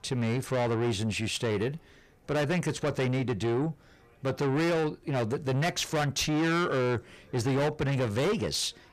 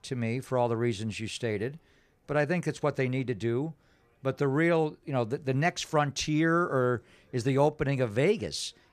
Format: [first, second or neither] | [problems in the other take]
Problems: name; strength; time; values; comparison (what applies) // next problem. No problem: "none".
second | distortion; heavy; 6 dB below the speech